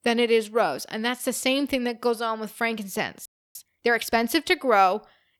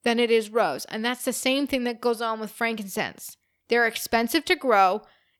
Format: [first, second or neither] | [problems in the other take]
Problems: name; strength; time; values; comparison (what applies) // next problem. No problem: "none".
second | audio freezing; at 3.5 s